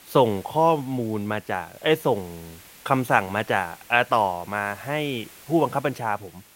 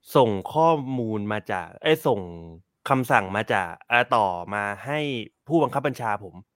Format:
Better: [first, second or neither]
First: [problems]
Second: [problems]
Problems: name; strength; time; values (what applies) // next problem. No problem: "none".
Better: second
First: hiss; faint; throughout; 20 dB below the speech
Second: none